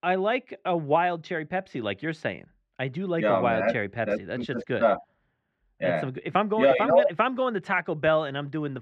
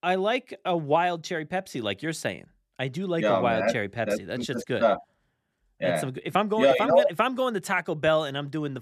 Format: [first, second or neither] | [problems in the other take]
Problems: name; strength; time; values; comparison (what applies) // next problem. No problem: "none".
second | muffled; slightly; fading above 2.5 kHz